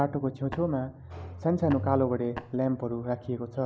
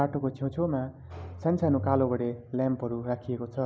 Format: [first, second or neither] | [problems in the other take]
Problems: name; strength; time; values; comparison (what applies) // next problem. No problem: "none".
second | background sound (Tap); 14 dB below the speech